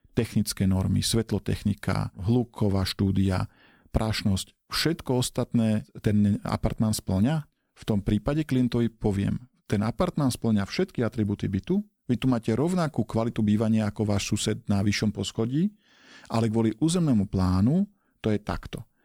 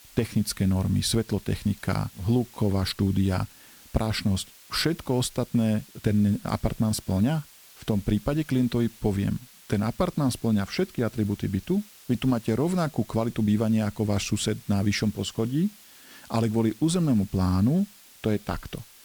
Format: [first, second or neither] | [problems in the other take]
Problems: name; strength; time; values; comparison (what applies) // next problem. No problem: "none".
first | hiss; faint; throughout; 20 dB below the speech